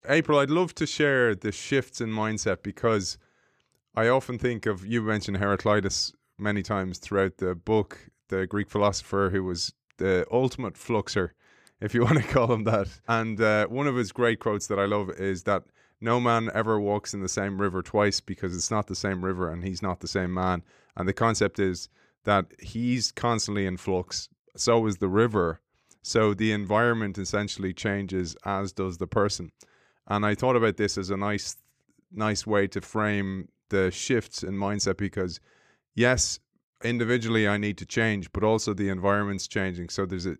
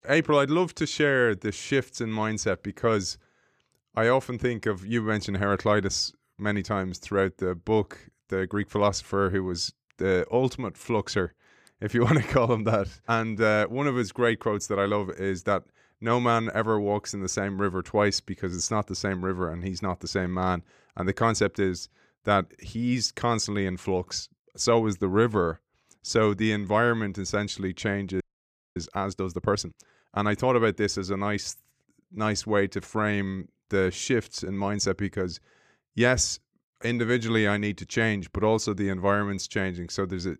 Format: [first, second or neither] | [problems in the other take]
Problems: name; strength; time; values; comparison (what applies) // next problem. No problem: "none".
first | audio freezing; at 28 s for 0.5 s